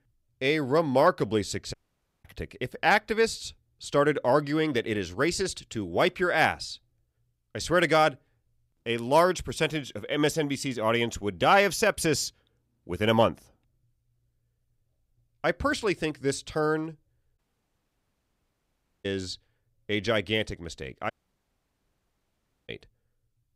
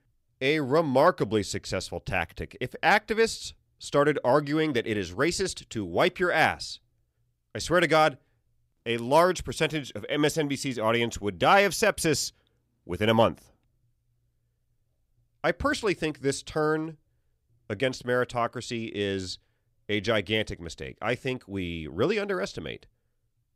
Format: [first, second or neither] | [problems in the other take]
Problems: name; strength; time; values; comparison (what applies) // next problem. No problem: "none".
second | audio cutting out; at 1.5 s for 0.5 s, at 17 s for 1.5 s and at 21 s for 1.5 s